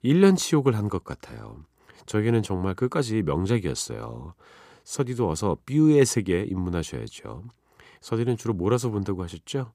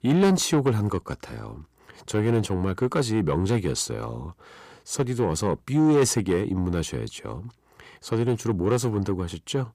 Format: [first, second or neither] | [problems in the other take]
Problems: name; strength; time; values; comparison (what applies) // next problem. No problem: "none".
first | distortion; slight; 10 dB below the speech